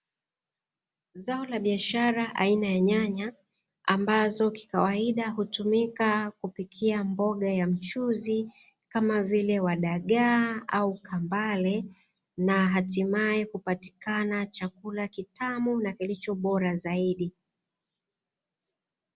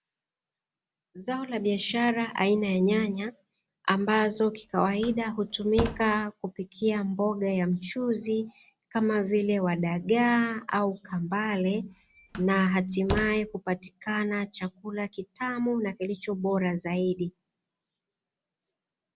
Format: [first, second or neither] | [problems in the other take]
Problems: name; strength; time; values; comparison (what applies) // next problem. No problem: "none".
first | background sound (Slam); 10 dB below the speech